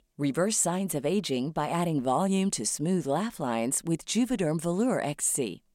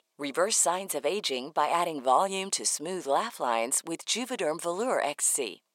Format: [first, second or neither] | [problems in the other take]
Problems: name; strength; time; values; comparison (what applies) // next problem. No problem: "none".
first | thin; very; fading below 550 Hz